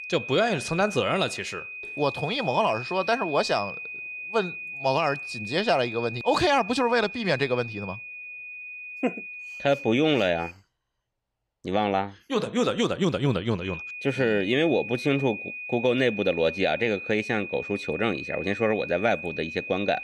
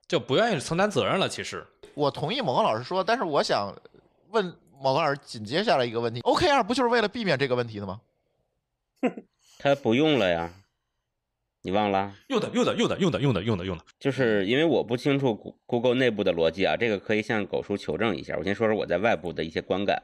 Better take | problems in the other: second | high-pitched whine; loud; until 11 s and from 14 s on; 2.5 kHz, 9 dB below the speech

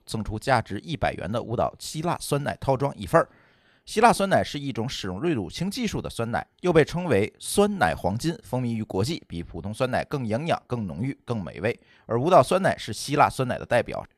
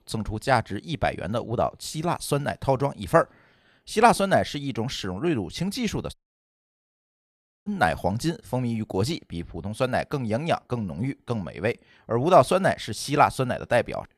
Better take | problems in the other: first | audio cutting out; at 6 s for 1.5 s

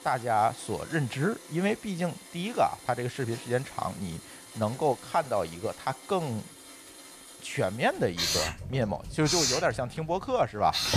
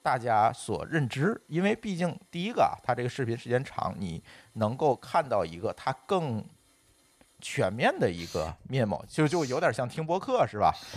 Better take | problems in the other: second | household noises; loud; throughout; 6 dB below the speech; faint in the second

